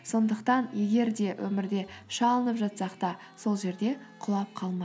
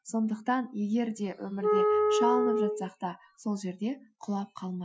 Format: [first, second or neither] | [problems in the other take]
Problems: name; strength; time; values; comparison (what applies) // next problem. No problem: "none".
first | noise reduction (classical method Wiener filter)